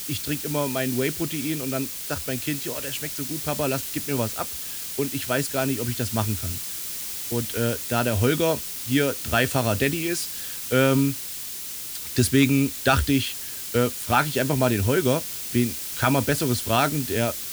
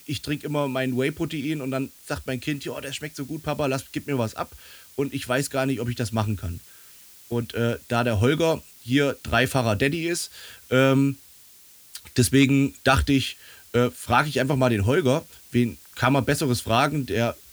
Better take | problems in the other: second | hiss; loud; throughout; 5 dB below the speech; faint in the second

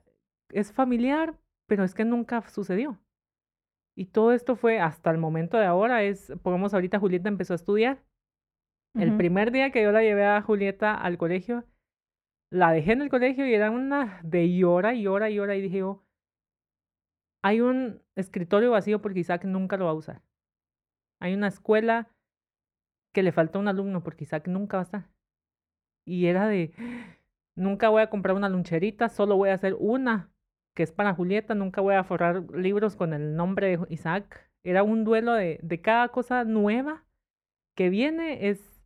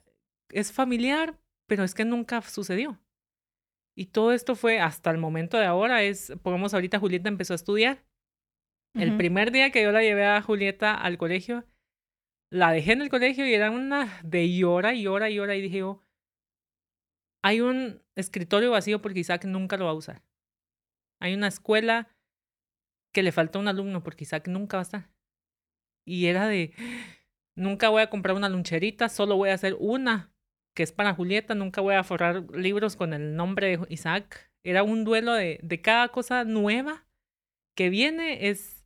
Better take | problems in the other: second | muffled; slightly; fading above 2 kHz

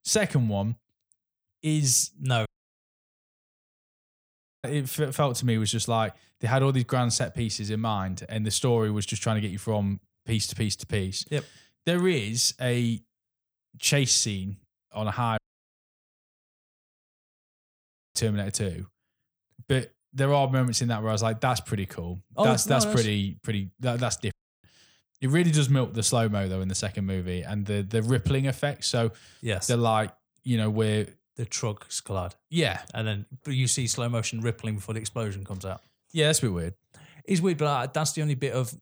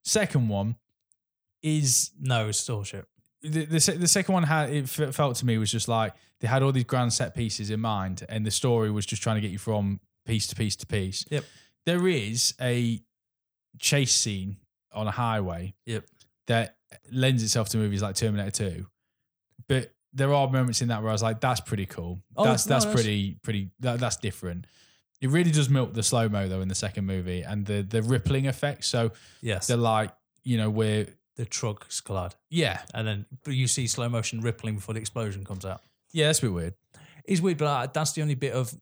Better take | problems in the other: second | audio cutting out; at 2.5 s for 2 s, at 15 s for 3 s and at 24 s

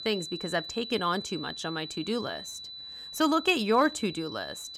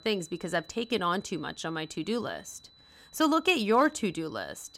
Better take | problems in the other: second | high-pitched whine; loud; throughout; 4 kHz, 10 dB below the speech; faint in the second

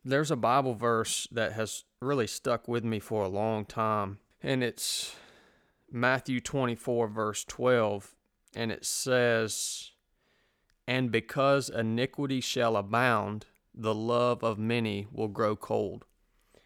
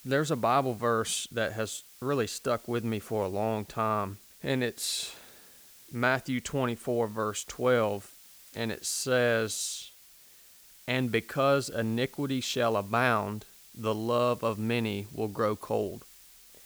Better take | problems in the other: first | hiss; faint; throughout; 20 dB below the speech

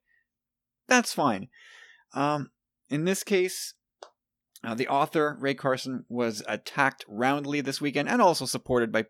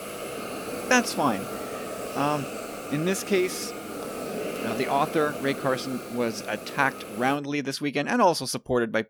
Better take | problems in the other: first | hiss; loud; until 7.5 s; 8 dB below the speech

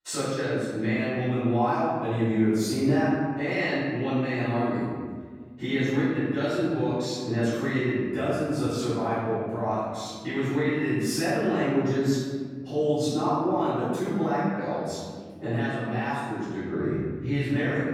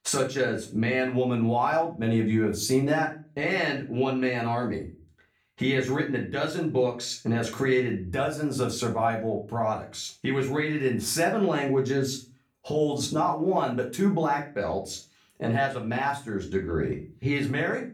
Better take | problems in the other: second | room echo; strong; dies away in 1.9 s; slight in the second // off-mic speech; far; far in the second

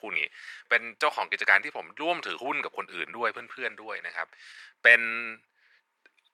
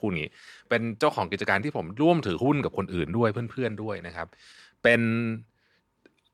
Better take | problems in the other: second | thin; very; fading below 700 Hz

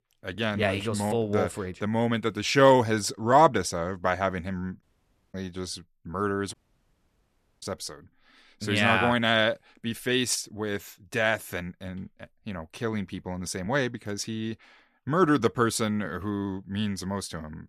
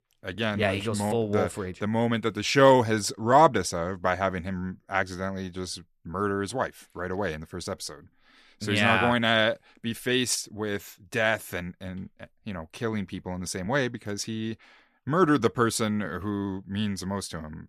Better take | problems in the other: second | audio cutting out; at 5 s for 0.5 s and at 6.5 s for 1 s

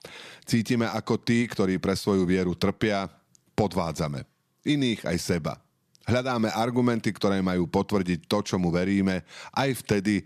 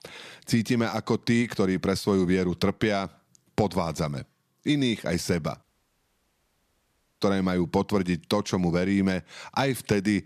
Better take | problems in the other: first | audio cutting out; at 5.5 s for 1.5 s

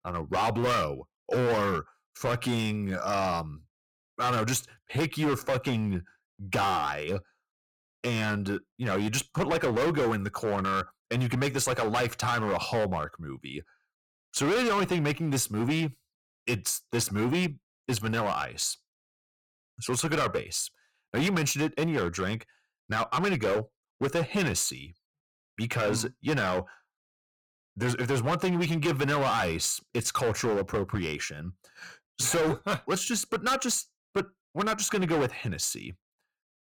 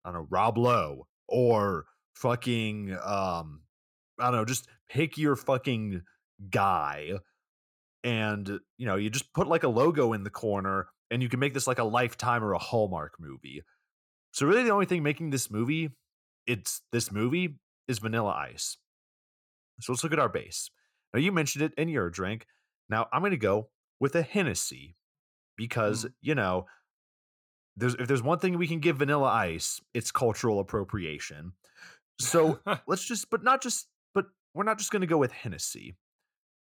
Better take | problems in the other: second | distortion; heavy; 13% of the sound clipped

